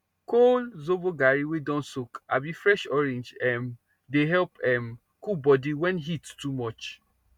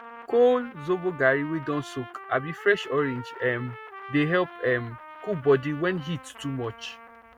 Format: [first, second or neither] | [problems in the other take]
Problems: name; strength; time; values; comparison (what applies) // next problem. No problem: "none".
first | background sound (Trumpet); 17 dB below the speech